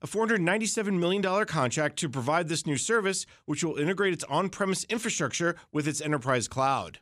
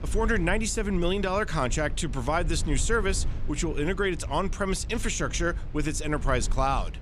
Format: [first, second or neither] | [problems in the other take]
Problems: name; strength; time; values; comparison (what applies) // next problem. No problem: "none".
first | low rumble; faint; throughout; 20 dB below the speech